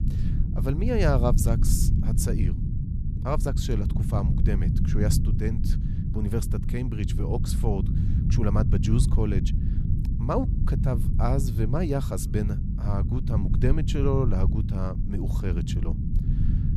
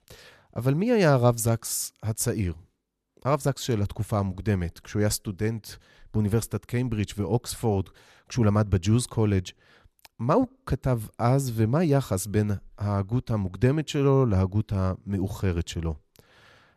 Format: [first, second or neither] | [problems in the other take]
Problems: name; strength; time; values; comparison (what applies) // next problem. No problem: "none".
second | low rumble; loud; throughout; 6 dB below the speech